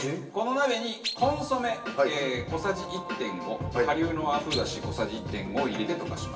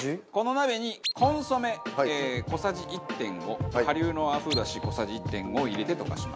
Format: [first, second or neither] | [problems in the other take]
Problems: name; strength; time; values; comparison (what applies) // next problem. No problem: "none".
second | room echo; dies away in 0.9 s